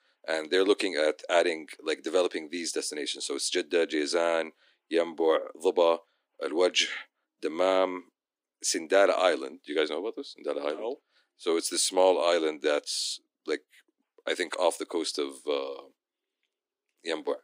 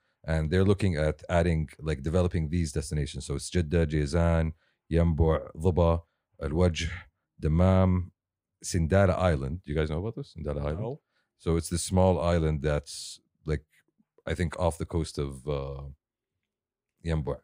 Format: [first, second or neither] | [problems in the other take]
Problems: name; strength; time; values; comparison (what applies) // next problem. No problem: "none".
second | thin; very; fading below 300 Hz